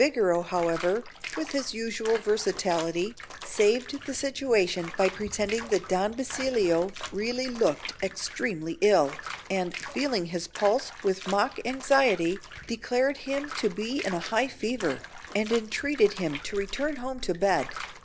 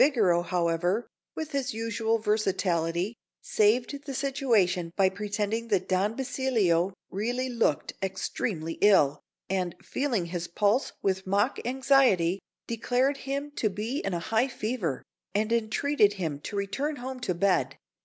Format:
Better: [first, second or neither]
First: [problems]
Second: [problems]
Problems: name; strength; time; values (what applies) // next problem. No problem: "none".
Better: second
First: background sound (Bathtub (filling or washing) / Water + Thunder); 13 dB below the speech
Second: none